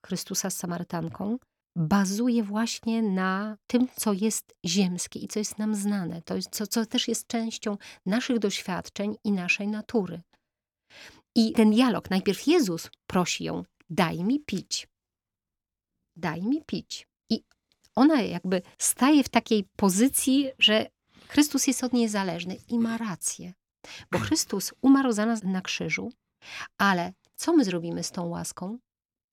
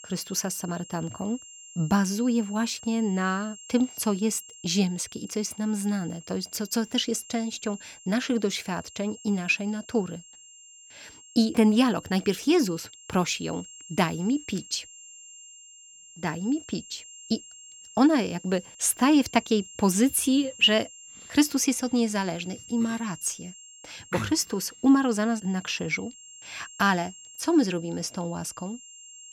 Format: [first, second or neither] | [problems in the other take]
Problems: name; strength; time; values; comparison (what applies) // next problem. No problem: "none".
first | high-pitched whine; noticeable; throughout; 7.5 kHz, 20 dB below the speech